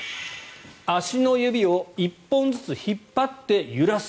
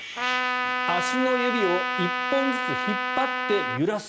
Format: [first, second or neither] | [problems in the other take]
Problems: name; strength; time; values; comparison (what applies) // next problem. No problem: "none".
first | background sound (Trumpet); 1 dB above the speech